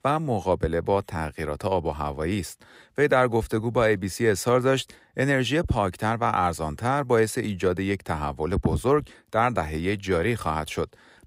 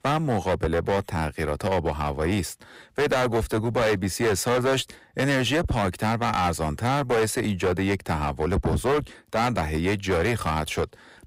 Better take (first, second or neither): first